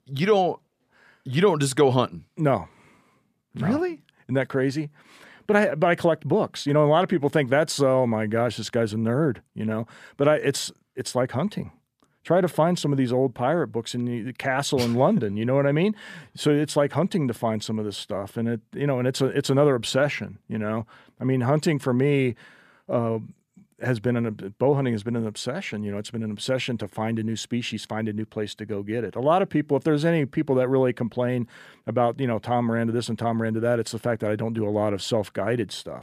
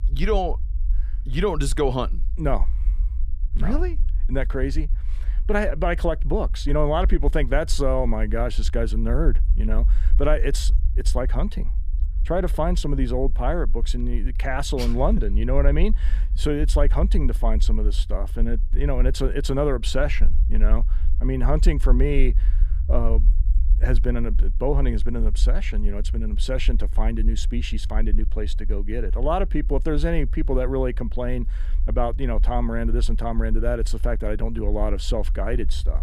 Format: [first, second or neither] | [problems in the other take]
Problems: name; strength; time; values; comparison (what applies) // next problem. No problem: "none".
first | low rumble; faint; throughout; 20 dB below the speech